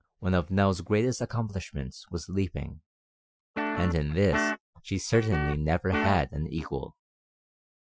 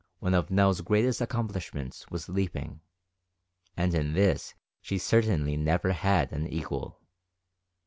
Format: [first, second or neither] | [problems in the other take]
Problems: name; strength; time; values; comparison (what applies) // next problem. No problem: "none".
second | noise reduction (classical method Wiener filter)